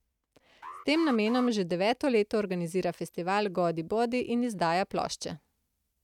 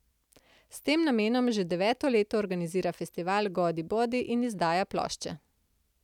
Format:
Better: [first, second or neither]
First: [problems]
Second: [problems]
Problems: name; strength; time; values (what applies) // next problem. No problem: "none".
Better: second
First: noise reduction (neural mask model RNNoise)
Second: none